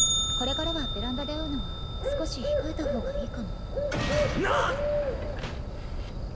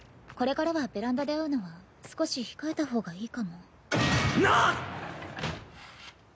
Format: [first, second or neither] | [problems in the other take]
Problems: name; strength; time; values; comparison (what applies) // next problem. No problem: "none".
second | background sound (Bird + Bell); 4 dB above the speech